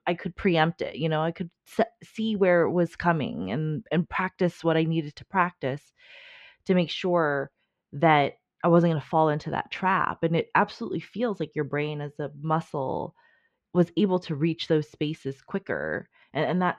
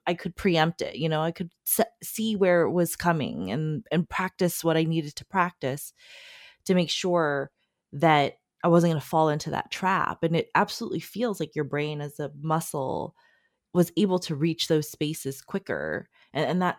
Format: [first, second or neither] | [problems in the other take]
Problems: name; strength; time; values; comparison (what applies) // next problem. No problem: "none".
second | muffled; slightly; fading above 2.5 kHz